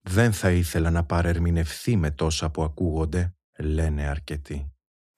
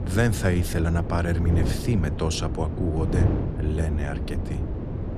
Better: first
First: none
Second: wind noise on the microphone; heavy; 6 dB below the speech

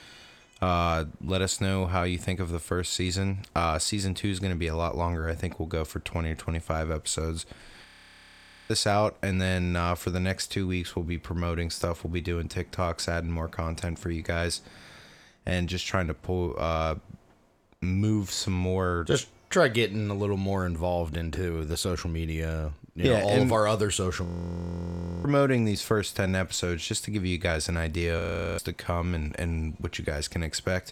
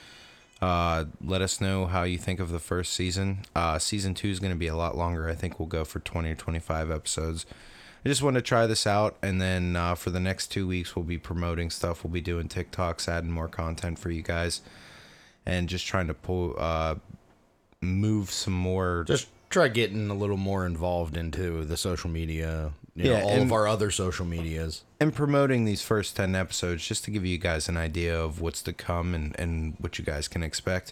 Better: second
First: audio freezing; at 8 s for 1 s, at 24 s for 1 s and at 28 s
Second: none

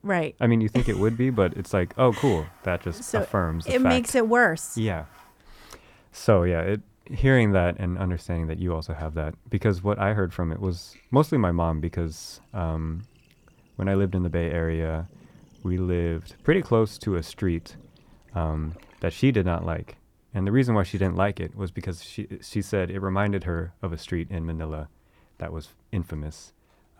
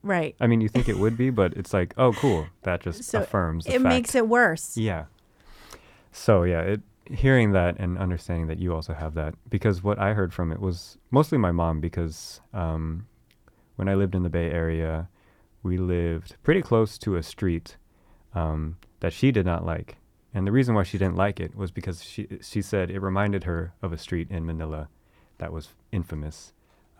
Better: second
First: household noises; faint; throughout; 30 dB below the speech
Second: none

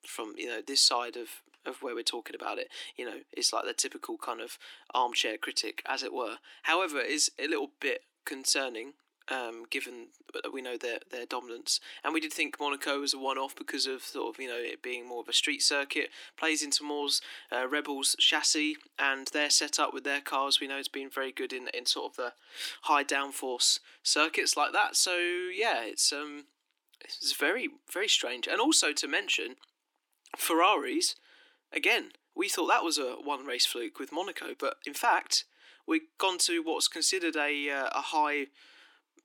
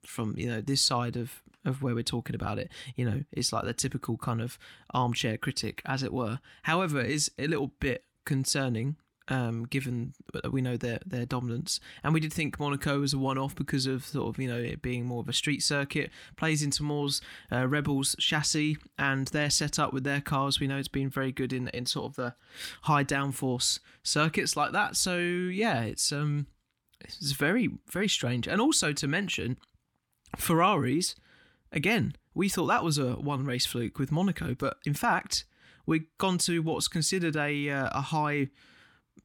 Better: second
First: thin; very; fading below 300 Hz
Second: none

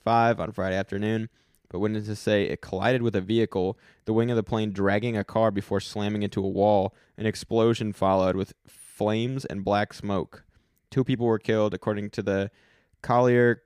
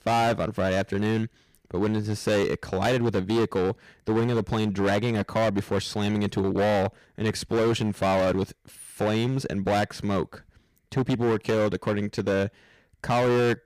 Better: first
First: none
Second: distortion; heavy; 17% of the sound clipped

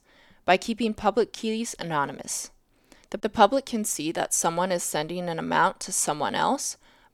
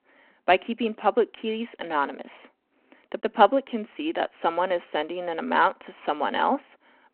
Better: first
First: none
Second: phone-call audio

